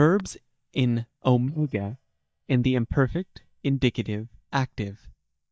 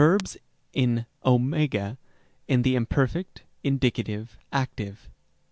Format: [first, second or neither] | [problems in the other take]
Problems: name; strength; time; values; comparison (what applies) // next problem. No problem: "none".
second | noise reduction (neural mask model DeepFilterNet 3)